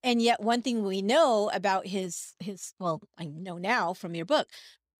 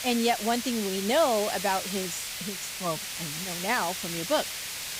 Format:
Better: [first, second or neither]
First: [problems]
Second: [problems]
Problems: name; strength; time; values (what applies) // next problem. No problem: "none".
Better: first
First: none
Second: hiss; loud; throughout; 4 dB below the speech